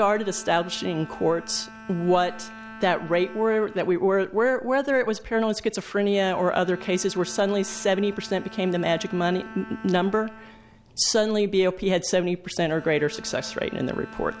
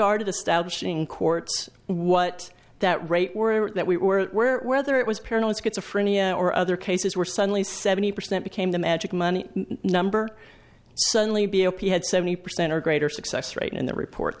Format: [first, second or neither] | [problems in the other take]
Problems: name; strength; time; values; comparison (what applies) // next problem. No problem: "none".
second | background sound (Bowed string instrument); 19 dB below the speech